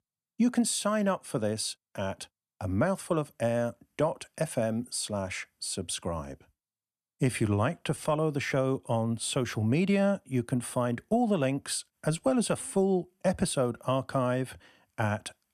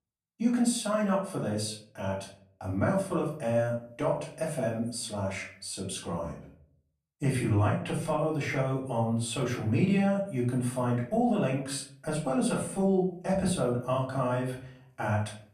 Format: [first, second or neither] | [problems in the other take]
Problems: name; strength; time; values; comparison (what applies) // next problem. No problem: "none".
first | off-mic speech; far // room echo; slight; dies away in 0.4 s